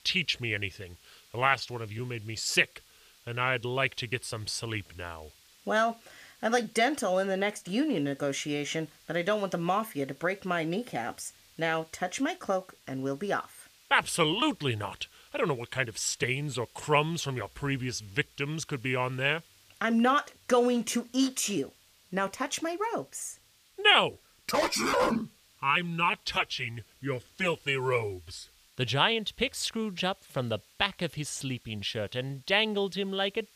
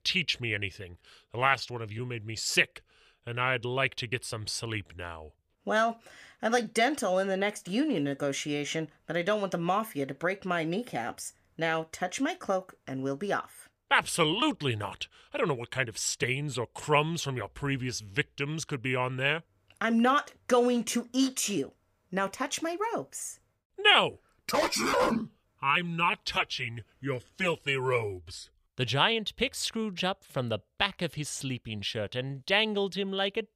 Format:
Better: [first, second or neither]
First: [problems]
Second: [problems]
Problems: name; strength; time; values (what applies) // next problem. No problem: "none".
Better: second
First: hiss; faint; throughout; 30 dB below the speech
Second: none